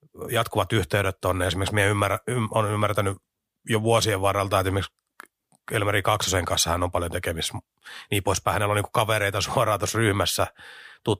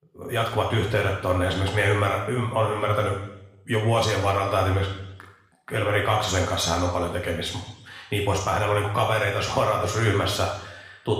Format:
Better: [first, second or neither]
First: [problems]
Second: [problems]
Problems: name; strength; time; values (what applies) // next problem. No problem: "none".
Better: first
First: none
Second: room echo; noticeable; dies away in 0.9 s // off-mic speech; far